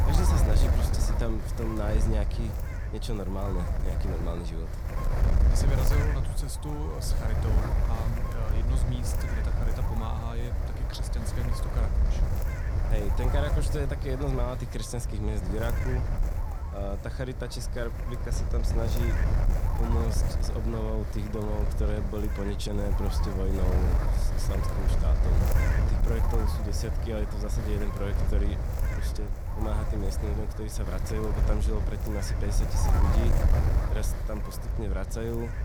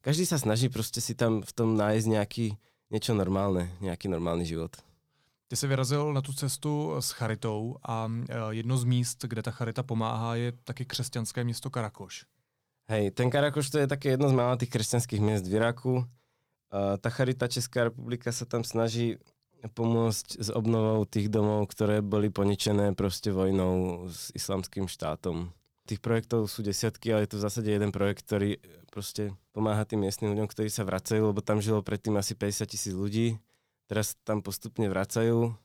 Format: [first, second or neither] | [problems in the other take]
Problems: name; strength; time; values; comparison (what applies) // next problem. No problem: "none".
second | wind noise on the microphone; heavy; 1 dB below the speech